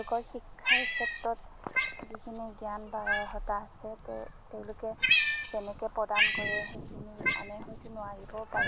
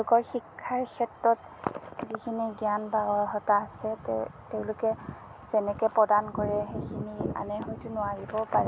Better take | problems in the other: second | background sound (Cat); 4 dB above the speech

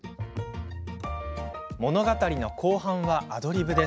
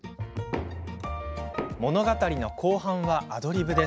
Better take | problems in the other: first | background sound (Knock); 11 dB below the speech

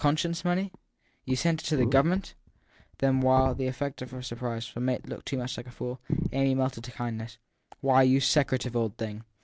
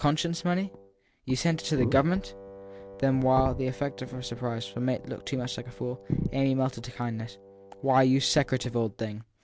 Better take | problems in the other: first | background sound (Wind instrument, woodwind instrument); 20 dB below the speech

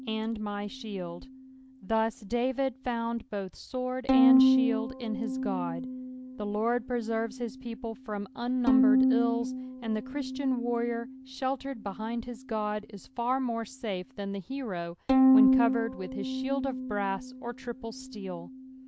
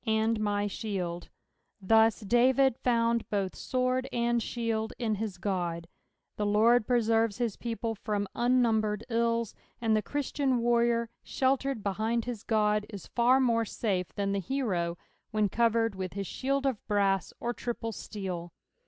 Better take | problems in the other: second | background sound (Bowed string instrument); 2 dB above the speech

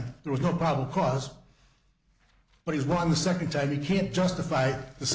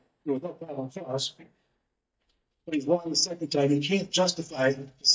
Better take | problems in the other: first | noise reduction (neural mask model DeepFilterNet 3)

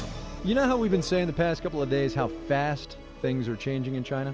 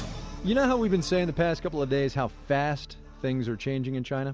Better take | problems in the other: second | background sound (Dishes, pots, and pans + Musical instrument); 13 dB below the speech

